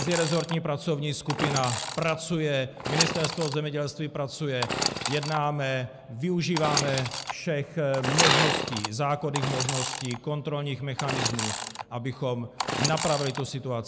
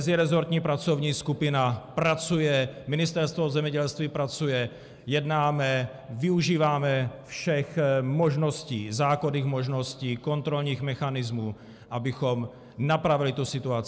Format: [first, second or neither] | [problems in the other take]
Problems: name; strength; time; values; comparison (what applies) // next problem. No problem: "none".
second | background sound (Sawing / Engine); 3 dB below the speech